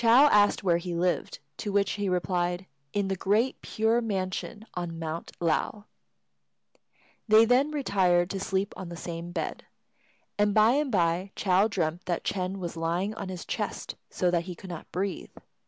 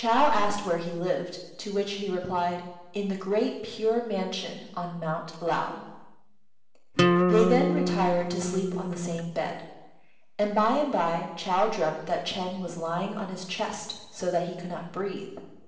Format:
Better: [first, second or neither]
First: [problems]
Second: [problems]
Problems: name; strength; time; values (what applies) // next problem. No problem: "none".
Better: first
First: none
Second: background sound (Acoustic guitar); 3 dB above the speech // room echo; dies away in 1 s